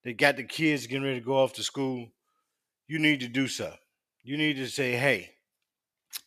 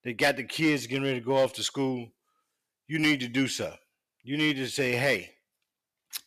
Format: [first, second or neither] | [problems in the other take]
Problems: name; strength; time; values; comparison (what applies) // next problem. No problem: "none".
first | distortion; slight; 1.8% of the sound clipped